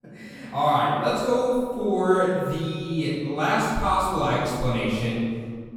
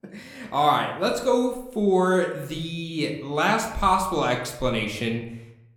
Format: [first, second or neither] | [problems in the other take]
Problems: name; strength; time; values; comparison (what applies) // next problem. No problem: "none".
second | room echo; strong; dies away in 1.8 s; slight in the second // off-mic speech; far